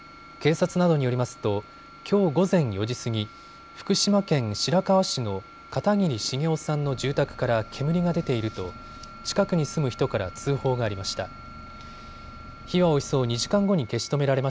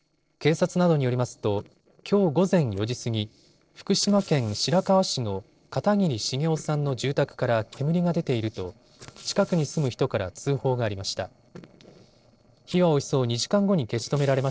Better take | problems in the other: first | noise reduction (neural separator model SepFormer DNS4)

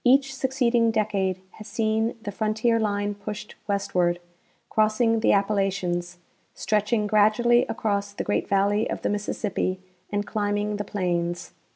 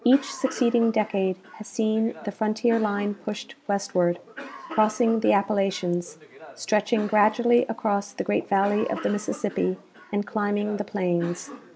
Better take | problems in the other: first | background sound (Cough); 18 dB below the speech

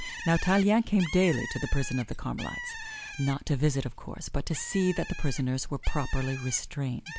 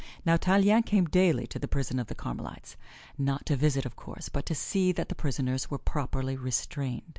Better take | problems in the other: second | background sound (Bird); 14 dB below the speech

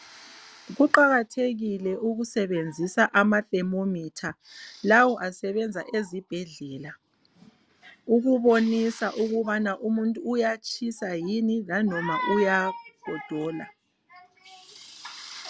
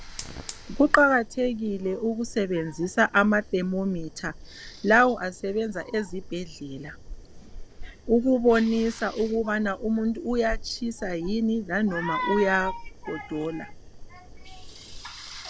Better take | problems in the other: first | background sound (Fire); 14 dB below the speech

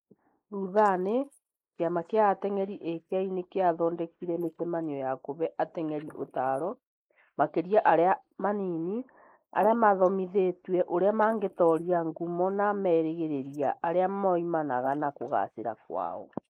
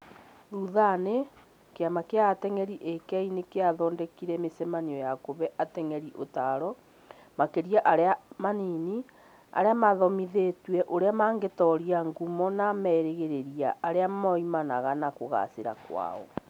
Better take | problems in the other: second | noise reduction (neural mask model Resemble Enhance denoiser)

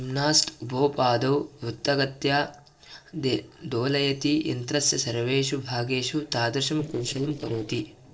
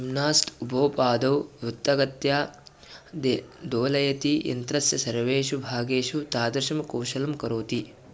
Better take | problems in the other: second | noise reduction (neural separator model SepFormer DNS4)

